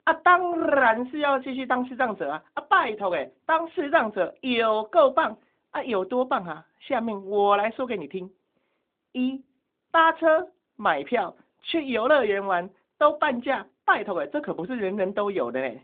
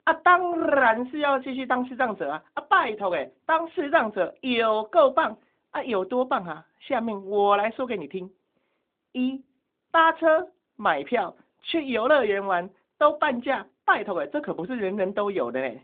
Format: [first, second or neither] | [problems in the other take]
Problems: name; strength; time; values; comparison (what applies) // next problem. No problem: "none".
neither | phone-call audio; nothing above 3.5 kHz; the same in both